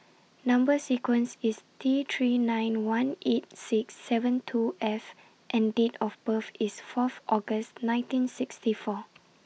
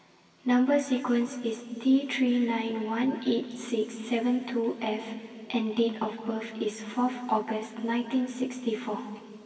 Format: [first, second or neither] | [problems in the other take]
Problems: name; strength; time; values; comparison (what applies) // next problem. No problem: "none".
first | room echo; dies away in 2.4 s